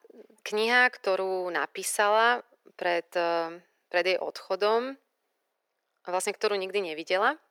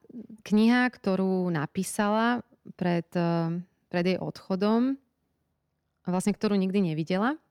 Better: second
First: thin; very; fading below 450 Hz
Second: none

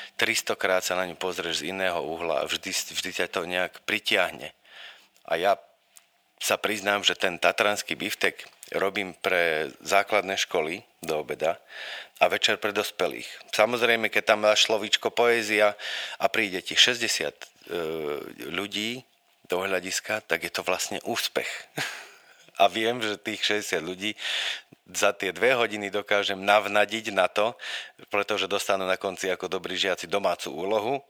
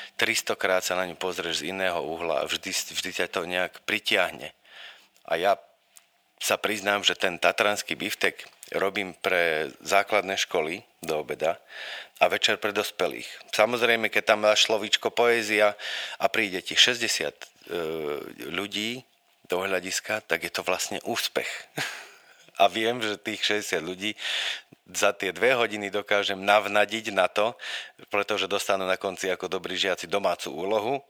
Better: neither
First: thin; very; fading below 700 Hz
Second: thin; very; fading below 700 Hz

